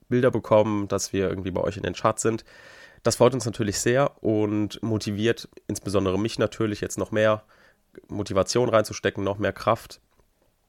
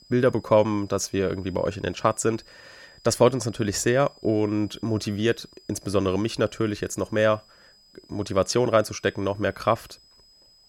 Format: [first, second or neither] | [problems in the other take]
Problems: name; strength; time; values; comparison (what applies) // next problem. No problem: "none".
first | high-pitched whine; faint; throughout; 5 kHz, 30 dB below the speech